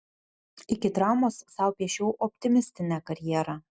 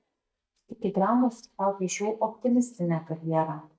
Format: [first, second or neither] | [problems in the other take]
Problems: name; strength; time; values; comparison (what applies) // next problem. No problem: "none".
first | noise reduction (neural mask model DeepFilterNet 3)